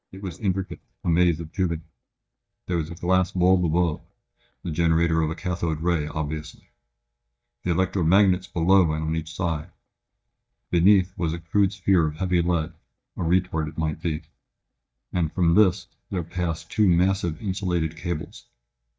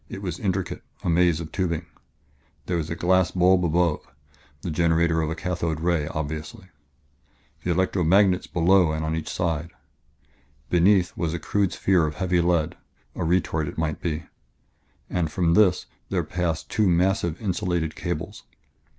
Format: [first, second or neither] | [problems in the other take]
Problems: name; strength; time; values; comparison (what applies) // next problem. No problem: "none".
second | noise reduction (neural mask model DeepFilterNet 3)